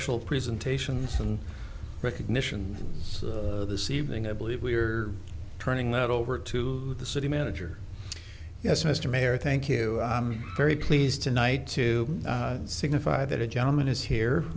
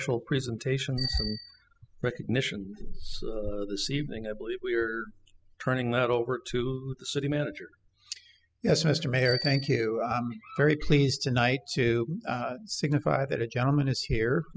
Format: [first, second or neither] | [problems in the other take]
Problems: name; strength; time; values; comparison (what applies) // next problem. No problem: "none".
first | noise reduction (classical method spectral subtraction)